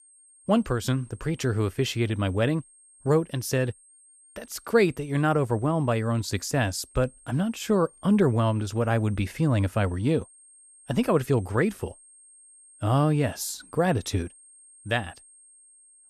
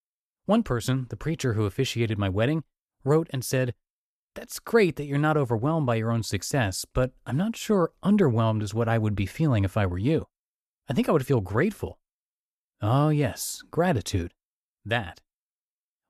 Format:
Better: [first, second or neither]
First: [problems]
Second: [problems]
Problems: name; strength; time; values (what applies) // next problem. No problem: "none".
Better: second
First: high-pitched whine; faint; throughout; 8.5 kHz, 25 dB below the speech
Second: none